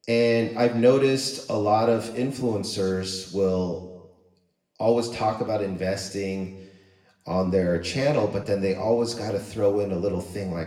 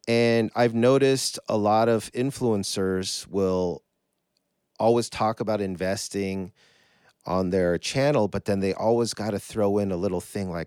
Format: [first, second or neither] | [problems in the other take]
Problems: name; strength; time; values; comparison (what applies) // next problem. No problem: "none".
second | room echo; slight; dies away in 0.9 s // off-mic speech; somewhat distant